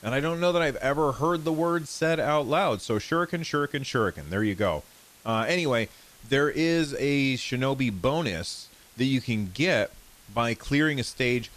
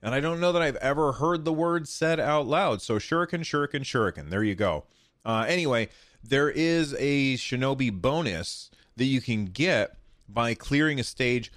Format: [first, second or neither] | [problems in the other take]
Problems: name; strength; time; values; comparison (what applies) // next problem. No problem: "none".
second | hiss; faint; throughout; 25 dB below the speech